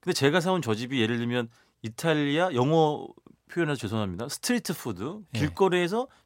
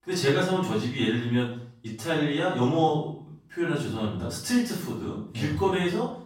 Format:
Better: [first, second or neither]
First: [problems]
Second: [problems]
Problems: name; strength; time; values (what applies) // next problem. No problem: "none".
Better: first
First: none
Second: off-mic speech; far // room echo; noticeable; dies away in 0.5 s